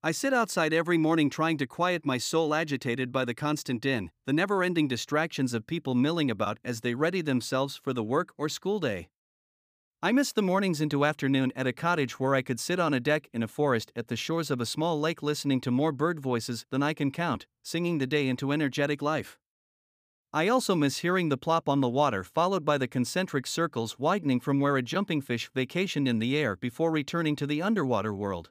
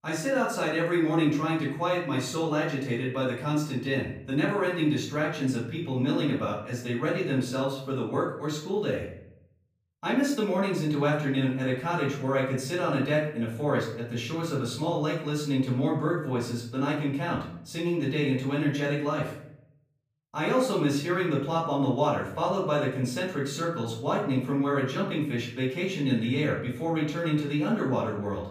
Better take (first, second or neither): first